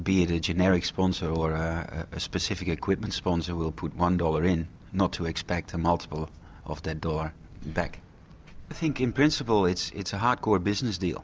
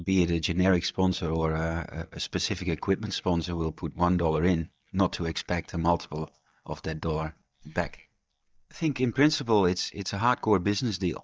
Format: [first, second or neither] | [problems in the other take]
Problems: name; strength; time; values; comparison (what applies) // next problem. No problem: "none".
first | noise reduction (neural mask model DeepFilterNet 3)